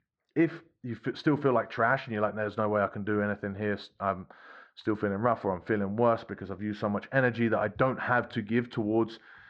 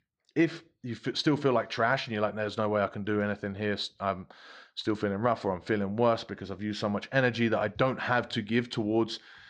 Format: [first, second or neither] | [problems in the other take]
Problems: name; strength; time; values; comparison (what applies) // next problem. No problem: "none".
second | muffled; slightly; fading above 3 kHz